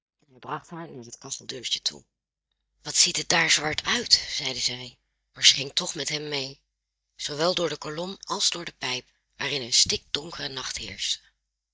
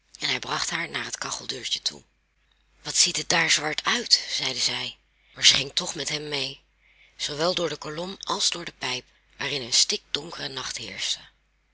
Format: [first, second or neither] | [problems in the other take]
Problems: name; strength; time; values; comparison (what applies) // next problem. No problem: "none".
second | noise reduction (neural mask model DeepFilterNet 3)